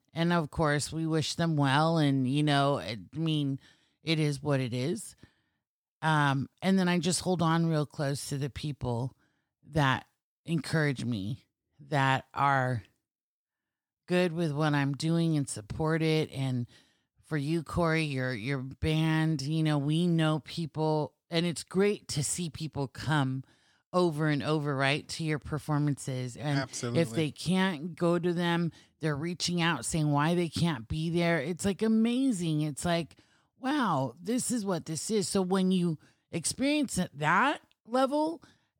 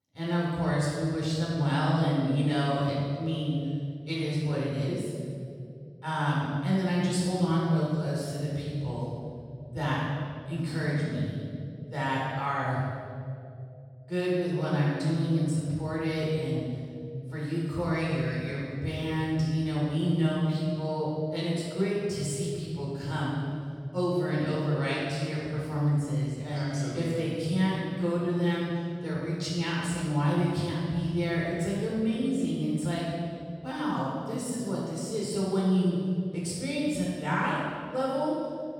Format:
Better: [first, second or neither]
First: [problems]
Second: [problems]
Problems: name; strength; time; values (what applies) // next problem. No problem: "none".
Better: first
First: none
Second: off-mic speech; far // room echo; strong; dies away in 2.4 s